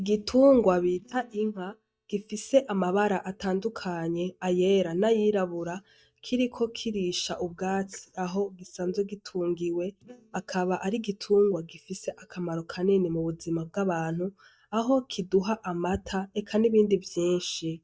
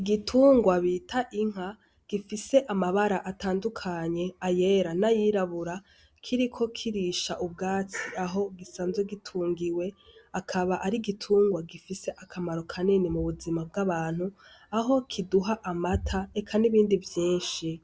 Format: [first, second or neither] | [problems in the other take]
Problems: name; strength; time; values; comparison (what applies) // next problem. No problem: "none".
second | noise reduction (neural mask model DeepFilterNet 3)